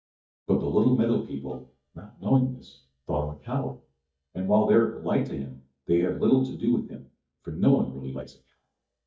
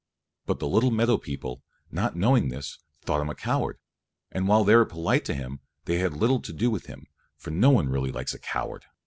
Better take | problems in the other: second | noise reduction (neural mask model DeepFilterNet 3)

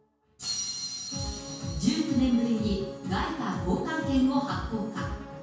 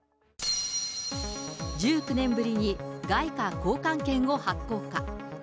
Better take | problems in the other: second | room echo; dies away in 0.6 s

